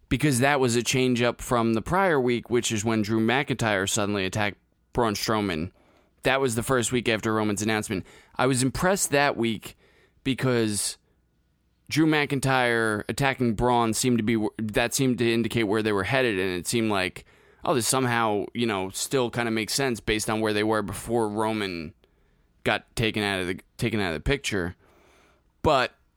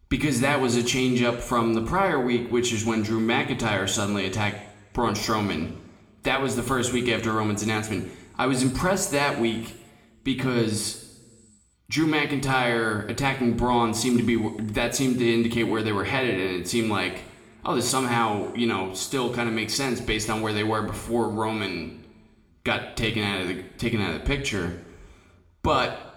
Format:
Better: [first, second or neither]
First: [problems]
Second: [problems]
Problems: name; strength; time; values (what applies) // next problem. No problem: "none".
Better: first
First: none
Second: room echo; slight; dies away in 1 s // off-mic speech; somewhat distant